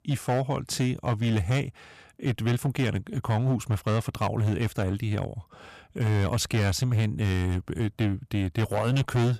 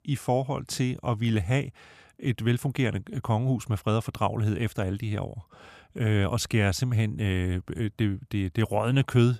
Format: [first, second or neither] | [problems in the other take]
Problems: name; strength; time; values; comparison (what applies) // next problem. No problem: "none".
second | distortion; slight; 12% of the sound clipped